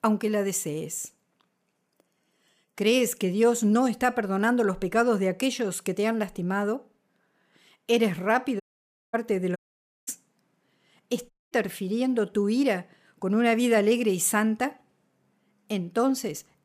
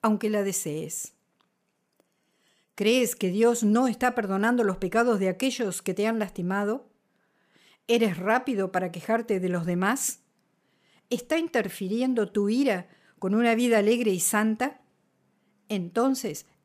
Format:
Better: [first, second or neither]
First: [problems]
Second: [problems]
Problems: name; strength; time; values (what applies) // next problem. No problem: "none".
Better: second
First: audio cutting out; at 8.5 s for 0.5 s, at 9.5 s for 0.5 s and at 11 s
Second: none